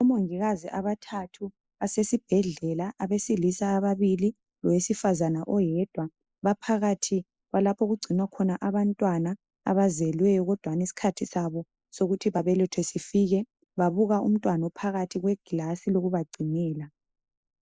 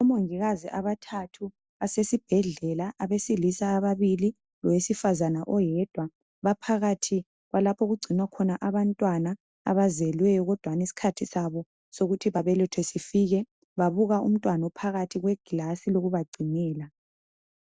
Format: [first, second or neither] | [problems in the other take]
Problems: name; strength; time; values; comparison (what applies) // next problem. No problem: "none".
second | noise reduction (neural mask model Resemble Enhance denoiser)